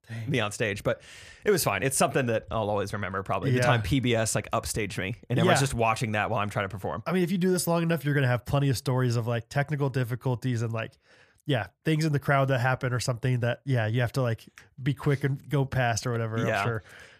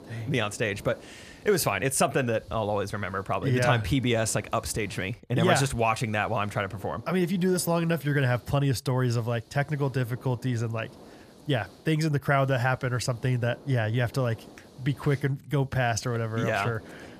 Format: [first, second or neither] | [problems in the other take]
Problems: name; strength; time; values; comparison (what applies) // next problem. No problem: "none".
first | hiss; faint; throughout; 25 dB below the speech